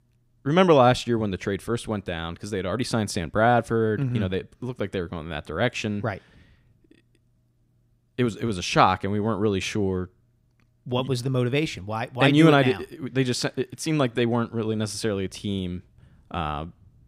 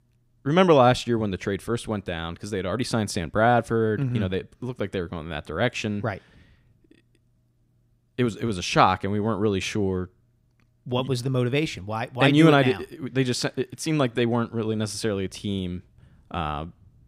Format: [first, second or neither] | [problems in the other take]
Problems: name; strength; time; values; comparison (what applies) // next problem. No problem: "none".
neither | none